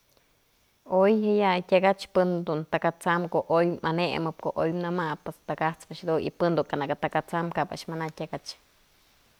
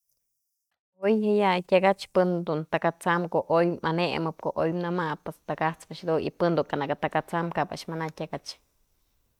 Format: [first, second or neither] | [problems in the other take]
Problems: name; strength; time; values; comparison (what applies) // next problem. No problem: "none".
first | noise reduction (neural mask model DeepFilterNet 3)